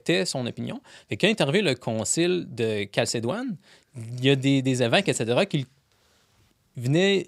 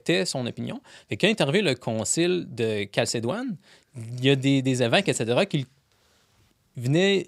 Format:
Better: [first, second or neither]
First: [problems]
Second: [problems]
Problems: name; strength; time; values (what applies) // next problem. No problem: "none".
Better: neither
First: none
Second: none